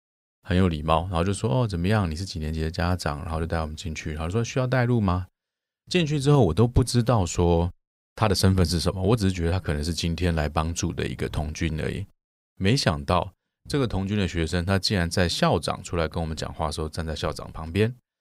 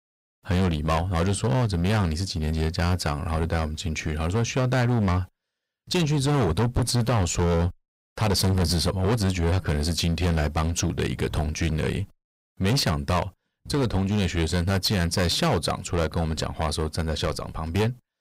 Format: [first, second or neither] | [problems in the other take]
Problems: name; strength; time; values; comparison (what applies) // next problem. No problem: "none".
first | distortion; heavy; 16% of the sound clipped